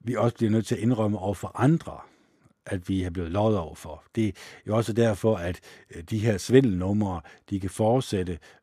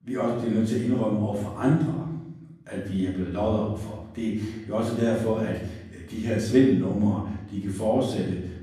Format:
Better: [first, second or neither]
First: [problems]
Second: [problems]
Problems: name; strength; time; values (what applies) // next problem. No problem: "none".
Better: first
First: none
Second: room echo; noticeable; dies away in 0.8 s // off-mic speech; far